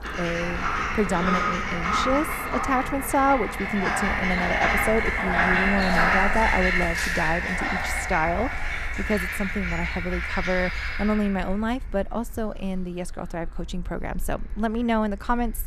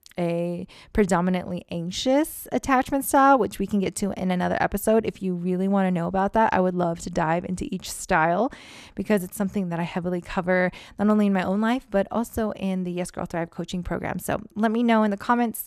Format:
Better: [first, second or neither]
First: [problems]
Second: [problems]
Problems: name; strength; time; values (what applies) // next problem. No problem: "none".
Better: second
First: animal sounds; very loud; throughout; 2 dB above the speech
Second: none